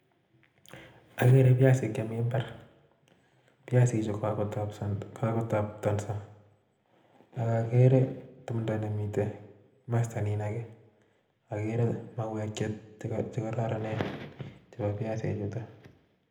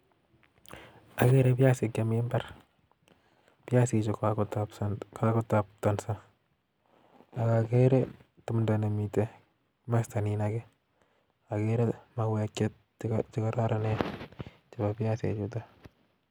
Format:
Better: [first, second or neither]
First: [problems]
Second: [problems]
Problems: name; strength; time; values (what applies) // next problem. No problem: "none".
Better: second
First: room echo; dies away in 0.7 s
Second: none